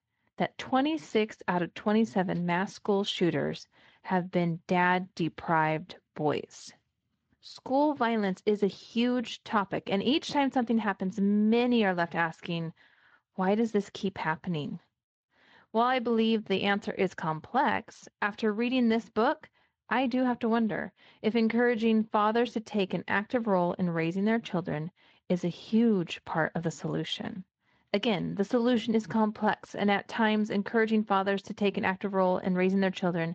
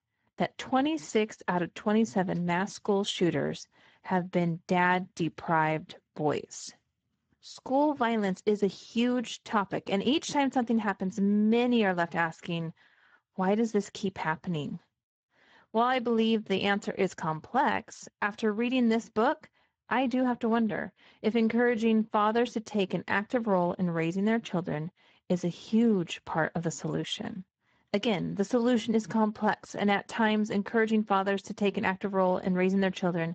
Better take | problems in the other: first | garbled, watery; badly; nothing above 7.5 kHz; slightly in the first

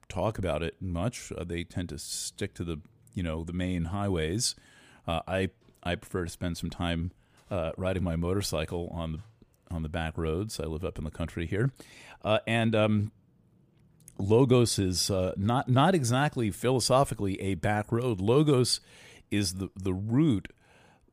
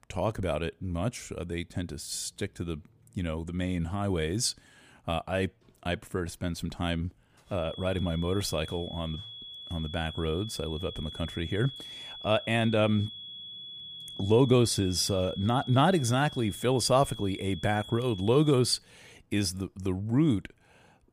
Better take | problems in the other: first | high-pitched whine; noticeable; from 7.5 to 19 s; 3.5 kHz, 10 dB below the speech

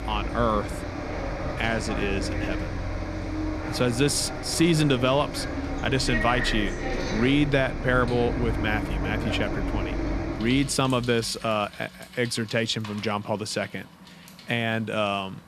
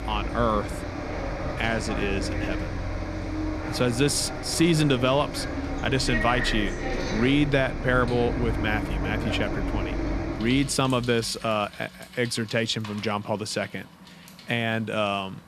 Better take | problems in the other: neither | traffic noise; loud; throughout; 5 dB below the speech; the same in both

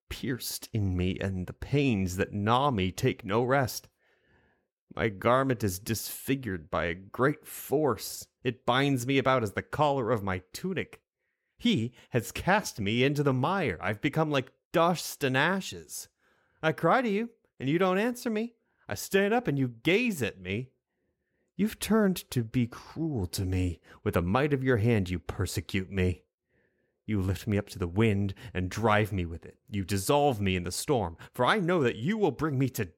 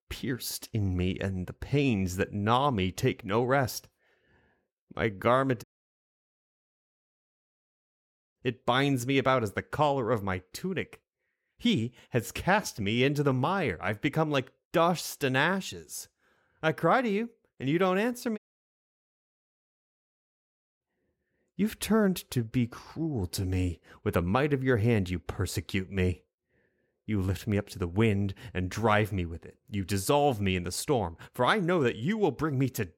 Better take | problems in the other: first | audio cutting out; at 5.5 s for 2.5 s and at 18 s for 2.5 s

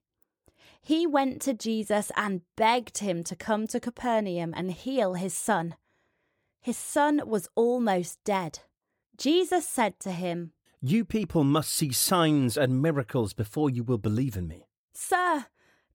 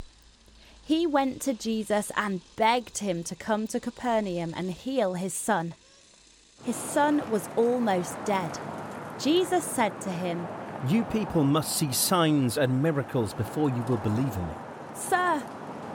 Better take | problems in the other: first | traffic noise; noticeable; throughout; 10 dB below the speech

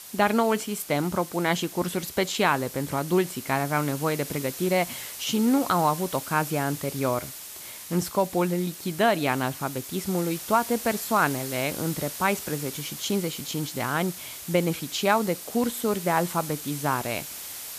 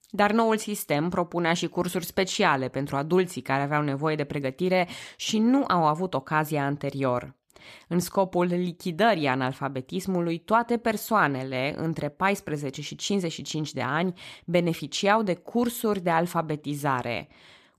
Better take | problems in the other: second | hiss; loud; throughout; 10 dB below the speech

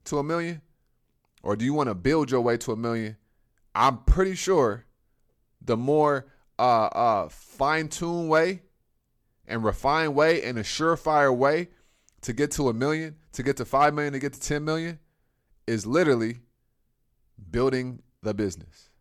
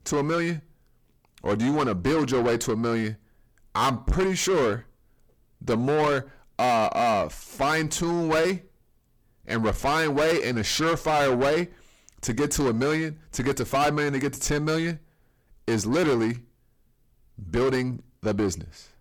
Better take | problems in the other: first | distortion; heavy; 7 dB below the speech

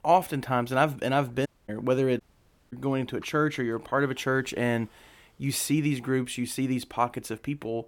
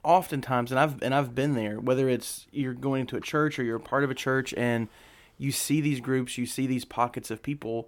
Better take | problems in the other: second | audio cutting out; at 1.5 s and at 2 s for 0.5 s

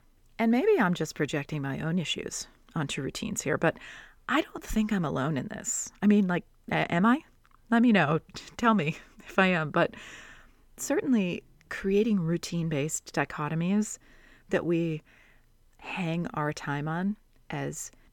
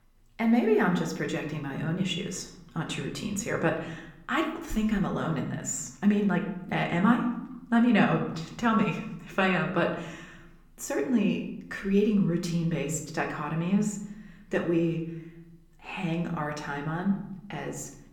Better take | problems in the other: first | room echo; slight; dies away in 0.7 s // off-mic speech; somewhat distant

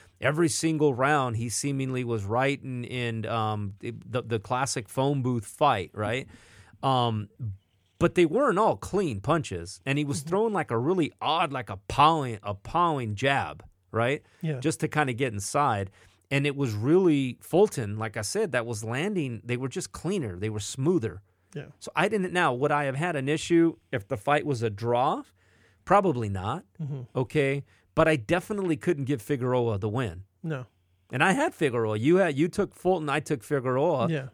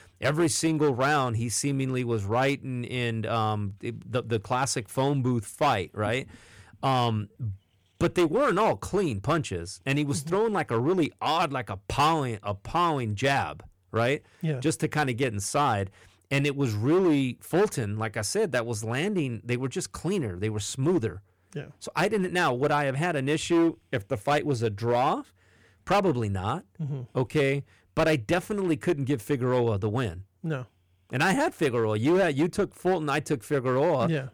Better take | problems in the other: first | distortion; slight; 6% of the sound clipped

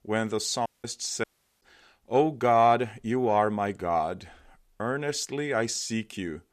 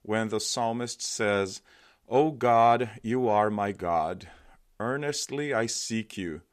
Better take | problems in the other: second | audio cutting out; at 0.5 s and at 1 s

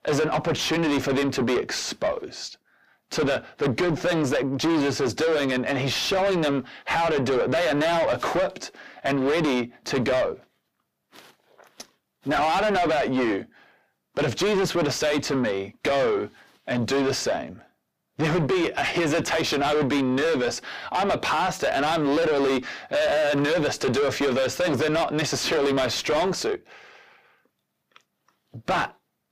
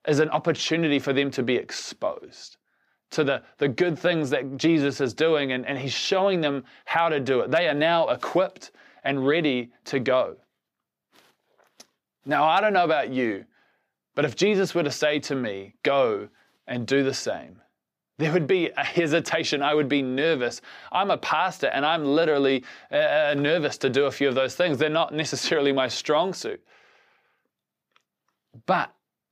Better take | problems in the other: second | distortion; heavy; 6 dB below the speech

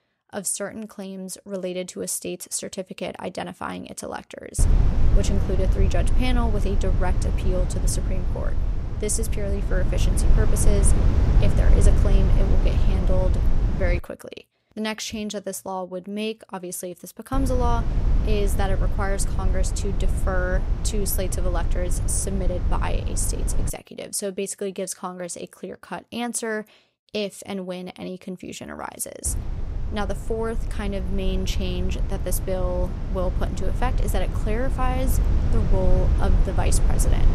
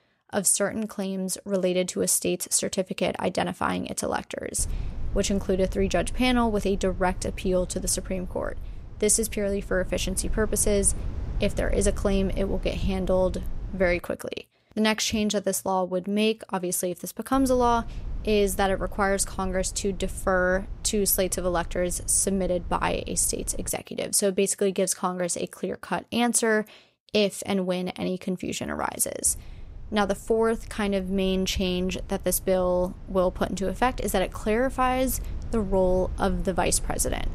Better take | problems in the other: second | low rumble; loud; from 4.5 to 14 s, from 17 to 24 s and from 29 s on; 7 dB below the speech; faint in the second

